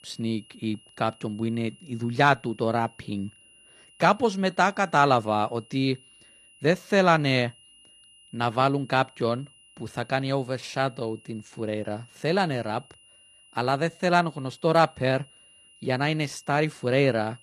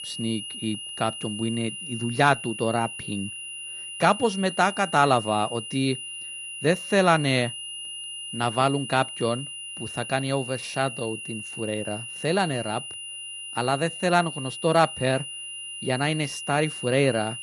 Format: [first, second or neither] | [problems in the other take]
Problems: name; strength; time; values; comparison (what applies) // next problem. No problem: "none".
first | high-pitched whine; loud; throughout; 3 kHz, 8 dB below the speech; faint in the first